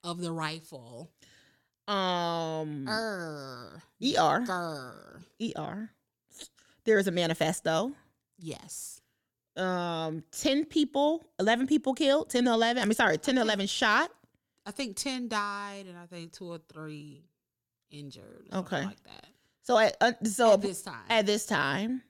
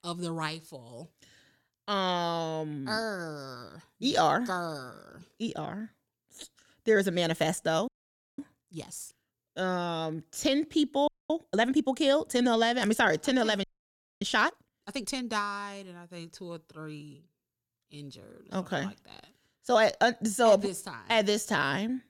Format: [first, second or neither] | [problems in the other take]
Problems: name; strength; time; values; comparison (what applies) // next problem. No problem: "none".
first | audio freezing; at 8 s for 0.5 s, at 11 s and at 14 s for 0.5 s